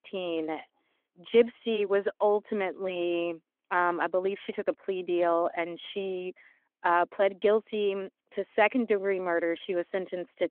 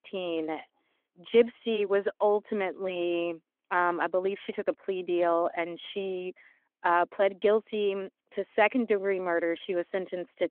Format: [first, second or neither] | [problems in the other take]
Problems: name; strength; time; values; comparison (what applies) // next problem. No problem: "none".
neither | phone-call audio; nothing above 3.5 kHz; the same in both